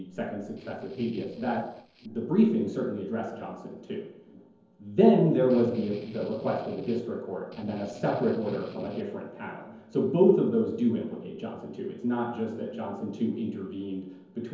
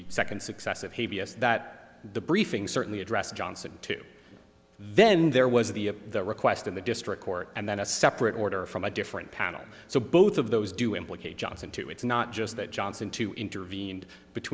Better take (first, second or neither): second